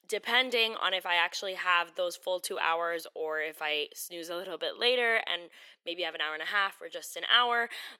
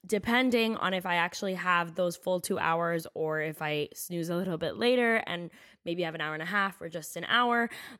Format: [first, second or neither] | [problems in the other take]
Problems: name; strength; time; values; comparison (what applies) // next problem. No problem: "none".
second | thin; very; fading below 400 Hz